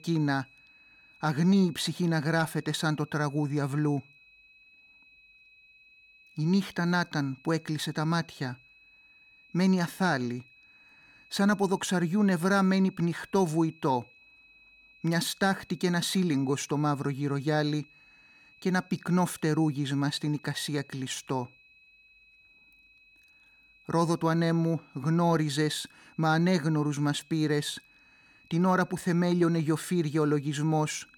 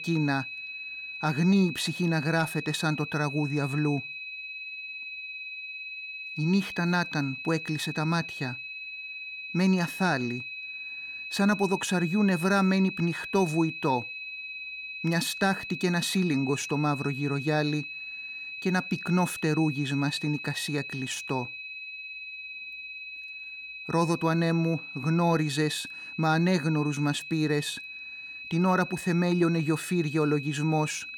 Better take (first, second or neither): first